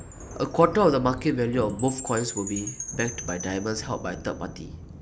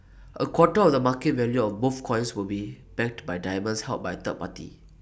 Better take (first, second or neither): second